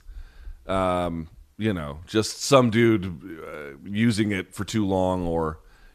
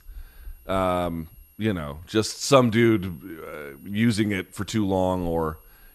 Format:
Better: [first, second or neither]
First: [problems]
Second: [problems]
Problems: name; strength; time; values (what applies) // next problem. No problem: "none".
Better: first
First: none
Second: high-pitched whine; faint; throughout; 11.5 kHz, 30 dB below the speech